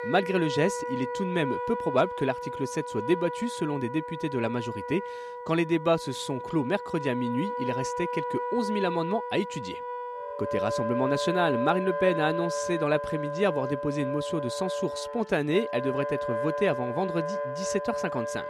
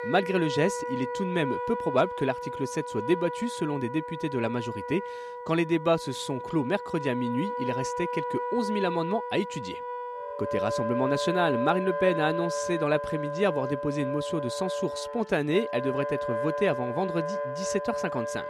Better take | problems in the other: neither | background music; loud; throughout; 4 dB below the speech; the same in both

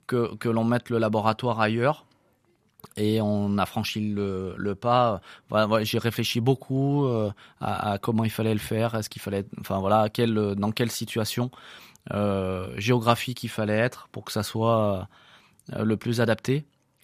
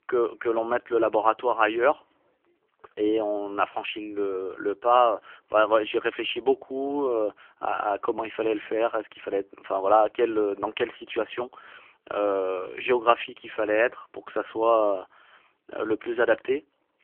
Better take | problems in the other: first | phone-call audio; poor line; nothing above 3 kHz

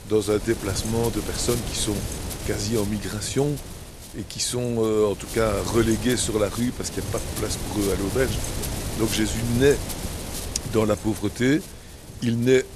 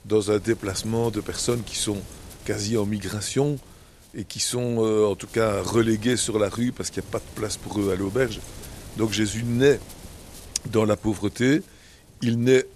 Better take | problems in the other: second | wind noise on the microphone; heavy; 9 dB below the speech; occasional gusts in the second

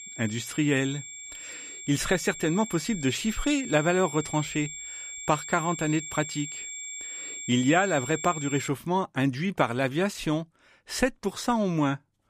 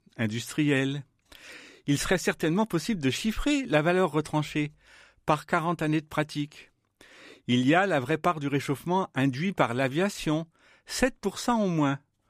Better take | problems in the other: second | high-pitched whine; loud; until 8.5 s; 7.5 kHz, 9 dB below the speech

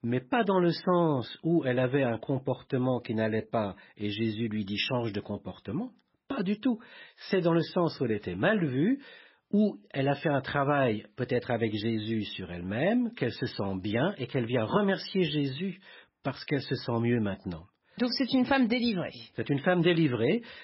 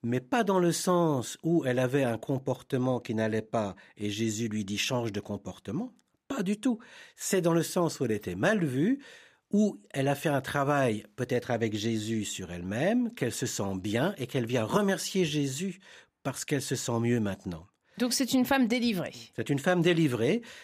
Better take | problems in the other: second | garbled, watery; badly; nothing above 5.5 kHz

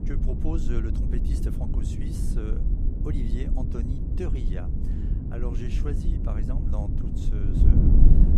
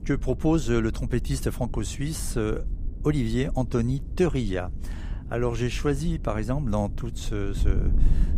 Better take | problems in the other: second | wind noise on the microphone; heavy; 2 dB above the speech; occasional gusts in the second

